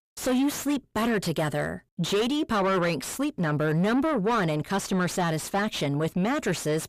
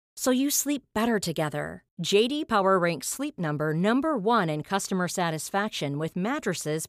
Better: second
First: distortion; heavy; 7 dB below the speech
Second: none

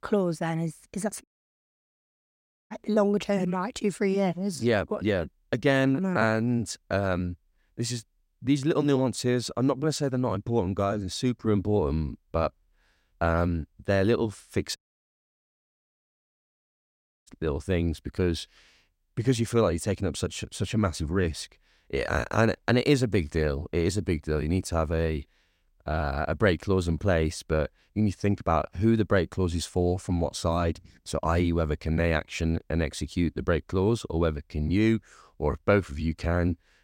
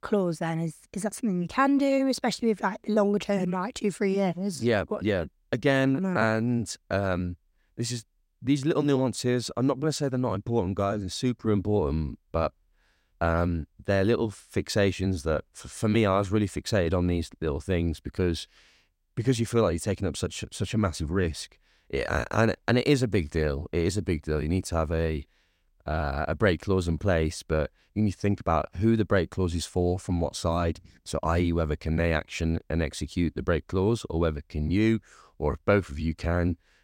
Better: second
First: audio cutting out; at 1 s for 1.5 s and at 15 s for 2.5 s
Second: none

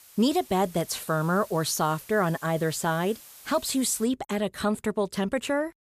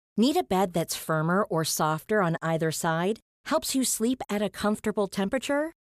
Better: second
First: hiss; noticeable; until 4 s; 20 dB below the speech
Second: none

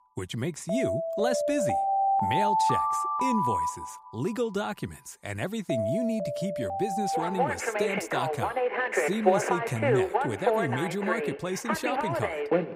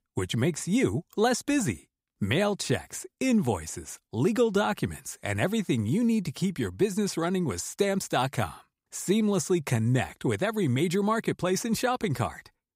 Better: second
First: alarms or sirens; very loud; throughout; 4 dB above the speech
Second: none

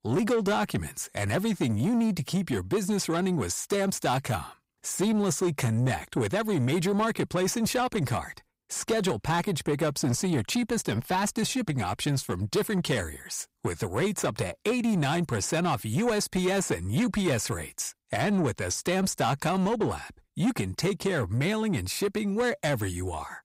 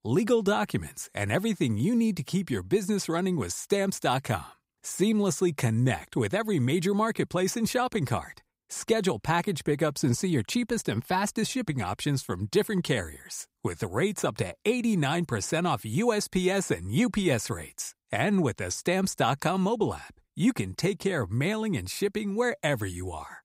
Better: second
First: distortion; slight; 10 dB below the speech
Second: none

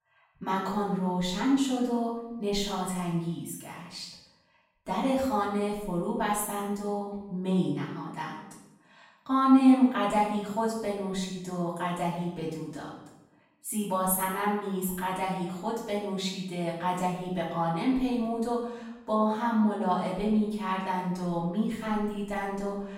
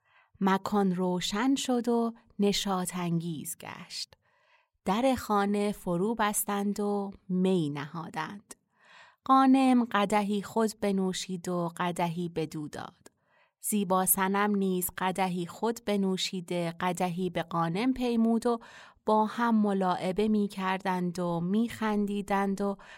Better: second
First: off-mic speech; far // room echo; noticeable; dies away in 0.8 s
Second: none

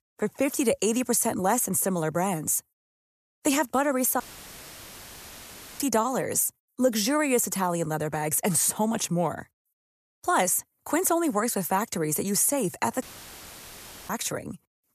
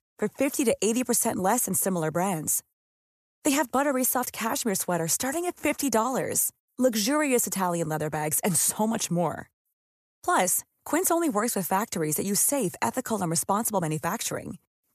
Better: second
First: audio cutting out; filled with static; at 4 s for 1.5 s and at 13 s for 1 s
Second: none

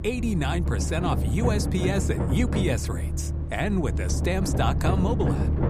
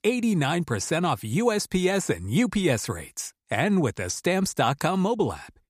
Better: second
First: low rumble; loud; throughout; 6 dB below the speech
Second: none

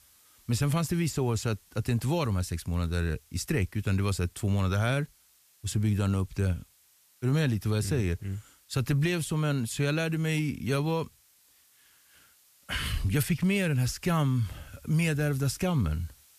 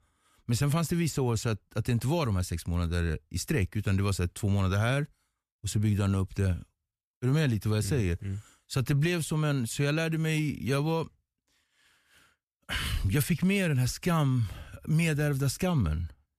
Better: second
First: hiss; faint; throughout; 30 dB below the speech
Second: none

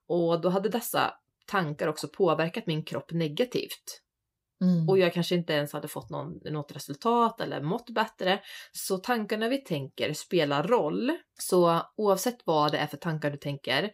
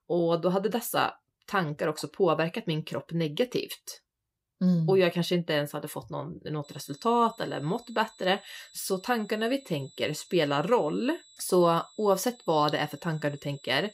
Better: first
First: none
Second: high-pitched whine; faint; from 6.5 s on; 4 kHz, 25 dB below the speech

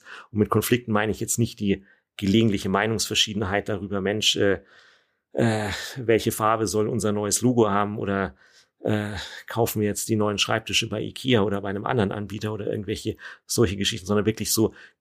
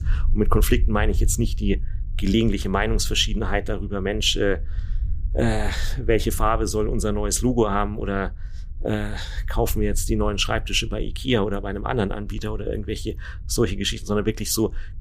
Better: first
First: none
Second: low rumble; faint; throughout; 25 dB below the speech

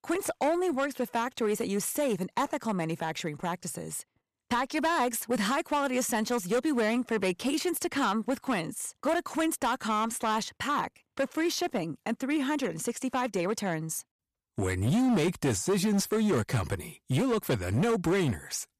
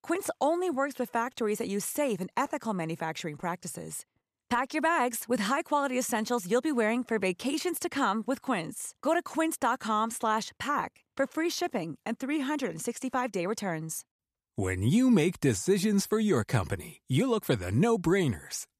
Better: second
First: distortion; slight; 9% of the sound clipped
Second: none

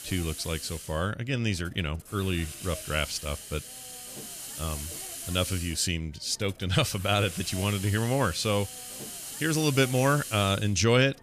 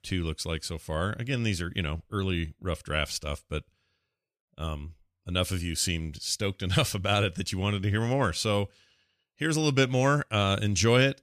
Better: second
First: hiss; loud; throughout; 10 dB below the speech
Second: none

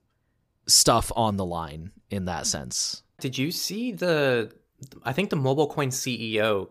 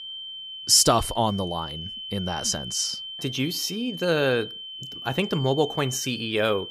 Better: first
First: none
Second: high-pitched whine; noticeable; throughout; 3 kHz, 10 dB below the speech

